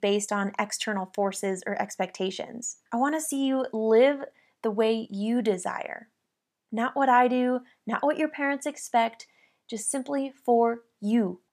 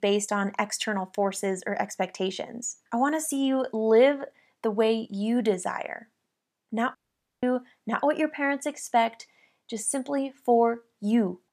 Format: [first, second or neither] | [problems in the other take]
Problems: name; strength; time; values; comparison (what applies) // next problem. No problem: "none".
first | audio cutting out; at 7 s